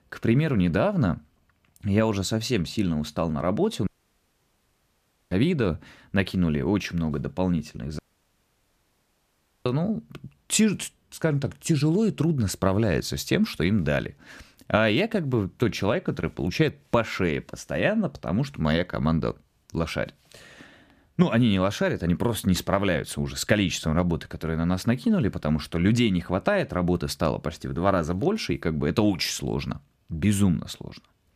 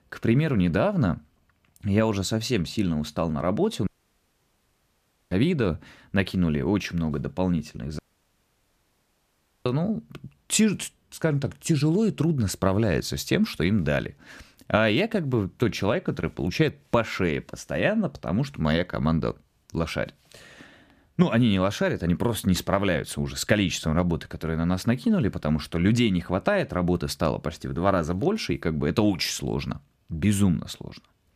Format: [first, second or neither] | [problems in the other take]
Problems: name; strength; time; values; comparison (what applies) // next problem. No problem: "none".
neither | audio cutting out; at 4 s for 1.5 s and at 8 s for 1.5 s; the same in both